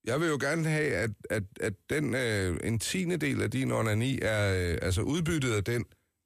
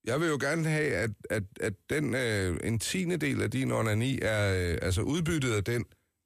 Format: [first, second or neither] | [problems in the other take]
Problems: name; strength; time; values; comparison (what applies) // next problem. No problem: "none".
neither | none